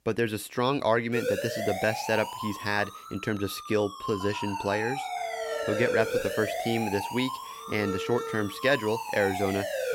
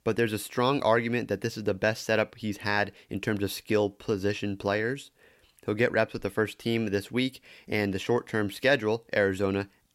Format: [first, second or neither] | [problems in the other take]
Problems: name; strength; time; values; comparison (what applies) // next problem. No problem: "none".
second | siren; loud; from 1 s on; peak level with the speech